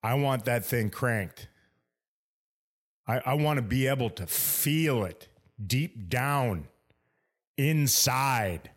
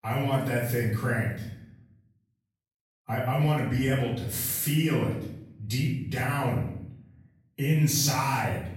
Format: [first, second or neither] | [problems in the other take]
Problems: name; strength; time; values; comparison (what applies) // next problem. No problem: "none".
first | off-mic speech; far // room echo; noticeable; dies away in 0.7 s